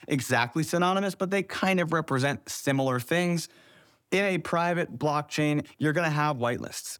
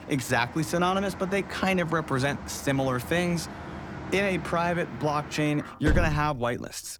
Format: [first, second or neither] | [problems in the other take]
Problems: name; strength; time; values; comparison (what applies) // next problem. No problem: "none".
first | traffic noise; loud; throughout; 10 dB below the speech